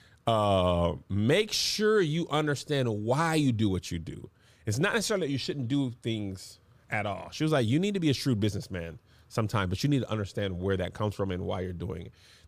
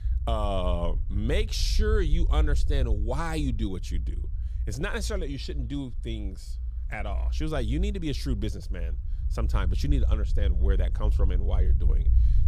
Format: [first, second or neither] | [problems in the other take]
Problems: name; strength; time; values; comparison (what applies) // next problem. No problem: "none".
first | low rumble; noticeable; throughout; 15 dB below the speech